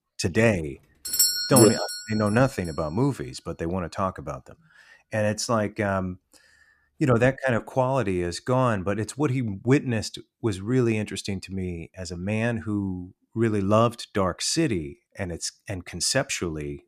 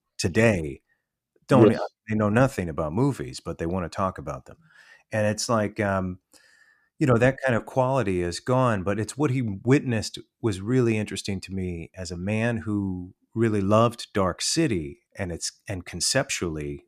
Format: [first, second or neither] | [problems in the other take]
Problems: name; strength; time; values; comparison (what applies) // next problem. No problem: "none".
second | doorbell; loud; at 1 s; peak 5 dB above the speech